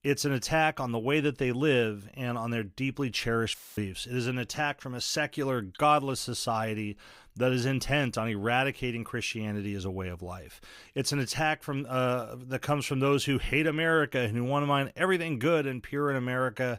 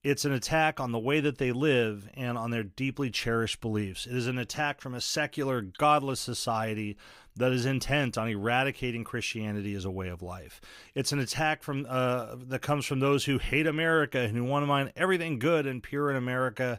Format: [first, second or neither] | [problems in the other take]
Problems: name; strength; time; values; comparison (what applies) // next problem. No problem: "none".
second | audio cutting out; filled with static; at 3.5 s